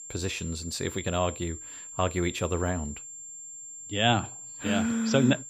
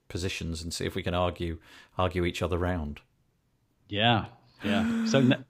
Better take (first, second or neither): second